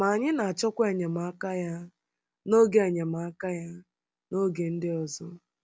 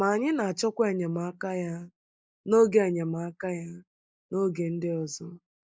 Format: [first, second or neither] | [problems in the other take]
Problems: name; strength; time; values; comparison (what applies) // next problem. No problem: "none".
first | noise reduction (neural mask model Resemble Enhance denoiser)